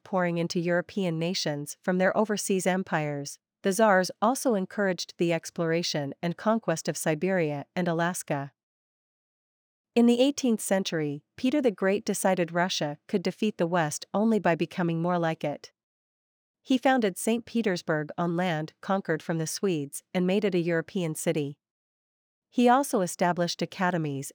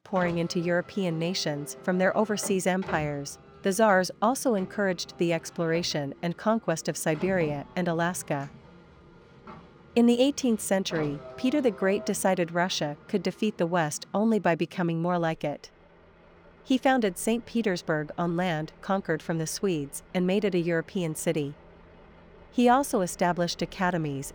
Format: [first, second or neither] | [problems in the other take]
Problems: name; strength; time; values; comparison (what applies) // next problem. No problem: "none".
first | traffic noise; noticeable; throughout; 20 dB below the speech